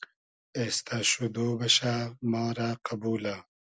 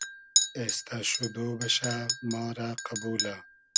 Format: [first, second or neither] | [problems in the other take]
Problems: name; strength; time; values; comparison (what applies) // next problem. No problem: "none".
first | background sound (Chink, clink); 1 dB above the speech